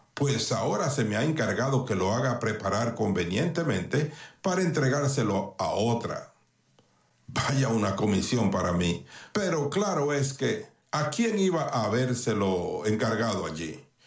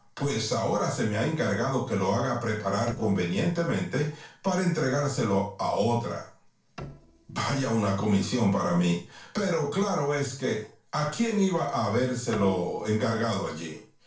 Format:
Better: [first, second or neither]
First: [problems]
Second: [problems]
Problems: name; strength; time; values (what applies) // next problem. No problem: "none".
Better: first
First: none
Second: noise reduction (neural separator model SepFormer DNS4)